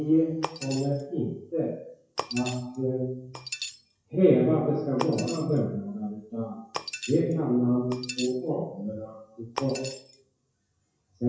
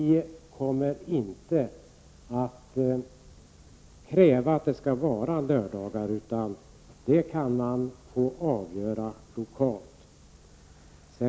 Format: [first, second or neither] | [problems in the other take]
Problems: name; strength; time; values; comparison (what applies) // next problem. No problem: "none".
second | noise reduction (classical method WPE with log-MMSE)